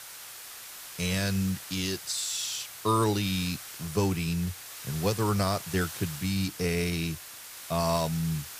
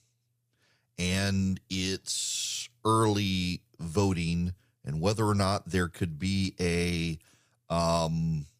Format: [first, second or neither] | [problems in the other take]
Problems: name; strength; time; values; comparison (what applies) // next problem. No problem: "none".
second | hiss; noticeable; throughout; 10 dB below the speech